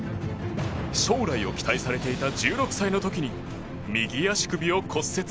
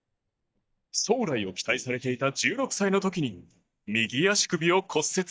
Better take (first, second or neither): first